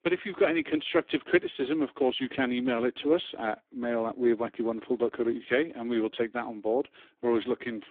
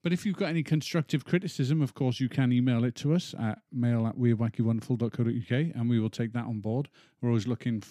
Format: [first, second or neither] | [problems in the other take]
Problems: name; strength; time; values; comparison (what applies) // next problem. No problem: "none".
second | phone-call audio; poor line; nothing above 3.5 kHz